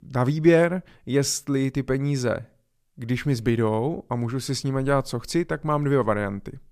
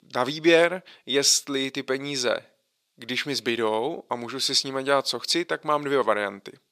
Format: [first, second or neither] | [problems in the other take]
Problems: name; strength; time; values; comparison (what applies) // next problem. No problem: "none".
first | thin; somewhat; fading below 400 Hz